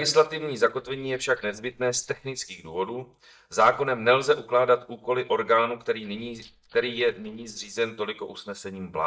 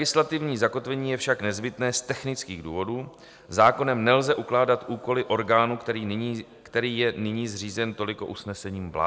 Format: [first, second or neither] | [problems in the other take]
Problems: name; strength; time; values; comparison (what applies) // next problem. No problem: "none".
second | noise reduction (neural mask model DeepFilterNet 3)